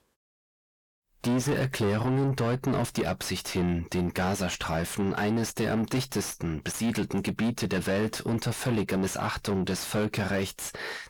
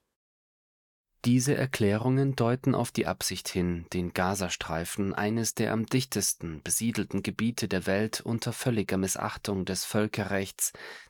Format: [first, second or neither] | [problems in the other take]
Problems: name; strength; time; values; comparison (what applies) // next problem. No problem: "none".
second | distortion; heavy; 6 dB below the speech